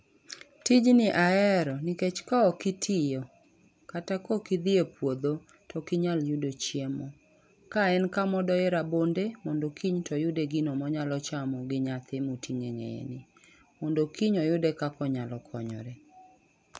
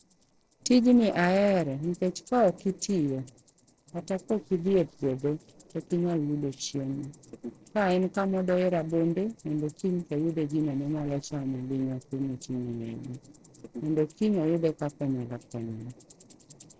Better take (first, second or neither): first